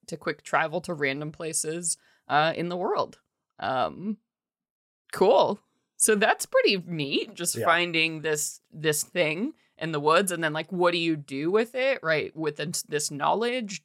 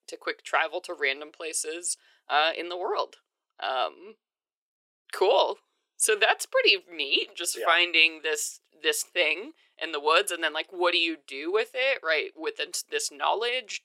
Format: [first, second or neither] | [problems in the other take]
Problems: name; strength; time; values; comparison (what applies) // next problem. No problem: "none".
first | thin; very; fading below 350 Hz